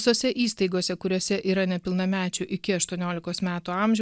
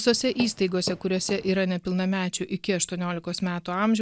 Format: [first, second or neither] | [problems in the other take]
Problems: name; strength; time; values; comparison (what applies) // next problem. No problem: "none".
first | background sound (Walk, footsteps); 13 dB below the speech